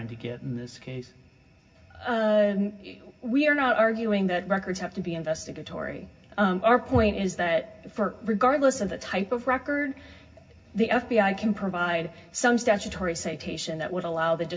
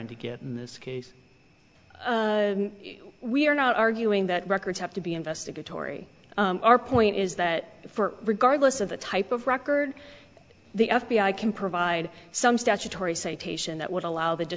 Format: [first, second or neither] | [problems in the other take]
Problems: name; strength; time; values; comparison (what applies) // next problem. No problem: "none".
second | room echo; dies away in 0.4 s